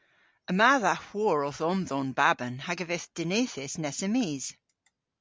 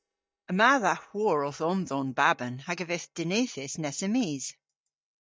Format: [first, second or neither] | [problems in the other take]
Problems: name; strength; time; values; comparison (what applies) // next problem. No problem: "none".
first | noise reduction (neural mask model DeepFilterNet 3)